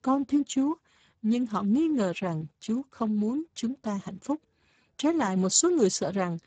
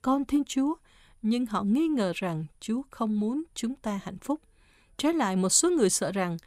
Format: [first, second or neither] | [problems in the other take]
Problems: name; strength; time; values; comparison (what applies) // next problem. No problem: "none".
second | garbled, watery; badly; nothing above 7.5 kHz